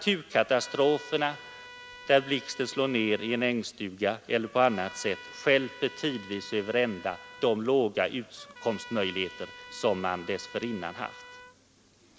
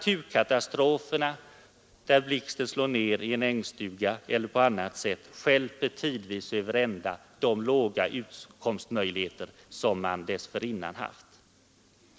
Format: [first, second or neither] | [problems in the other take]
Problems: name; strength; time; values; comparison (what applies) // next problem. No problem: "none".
second | background sound (Trumpet); 18 dB below the speech